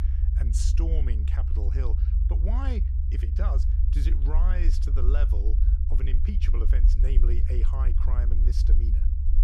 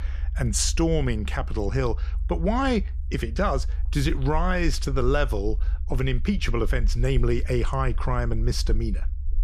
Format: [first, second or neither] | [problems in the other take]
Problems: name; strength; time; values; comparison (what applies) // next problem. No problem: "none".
second | low rumble; loud; throughout; 3 dB below the speech; faint in the second